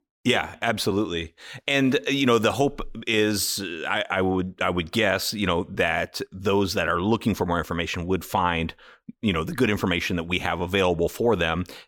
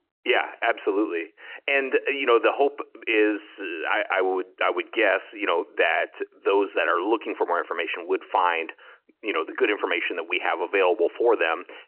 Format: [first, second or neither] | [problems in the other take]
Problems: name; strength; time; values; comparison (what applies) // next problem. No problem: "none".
first | phone-call audio; nothing above 3 kHz